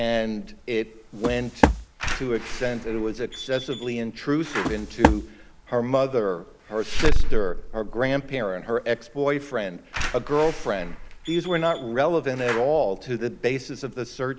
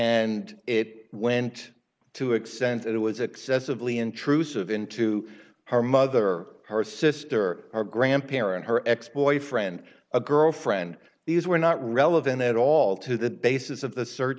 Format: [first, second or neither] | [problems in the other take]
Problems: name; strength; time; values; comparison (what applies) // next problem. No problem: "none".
second | background sound (Slam / Alarm + Walk, footsteps); as loud as the speech